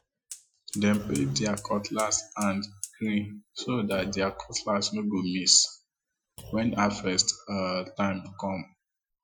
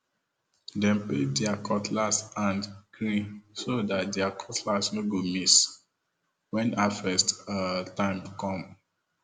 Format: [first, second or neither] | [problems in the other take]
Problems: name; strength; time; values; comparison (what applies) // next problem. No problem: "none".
second | noise reduction (classical method Wiener filter)